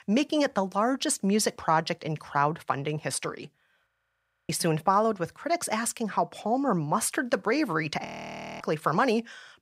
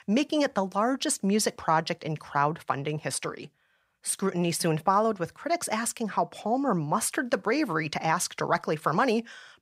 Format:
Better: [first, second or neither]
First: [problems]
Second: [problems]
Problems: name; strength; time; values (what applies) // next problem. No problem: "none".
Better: second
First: audio freezing; at 4 s for 0.5 s and at 8 s for 0.5 s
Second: none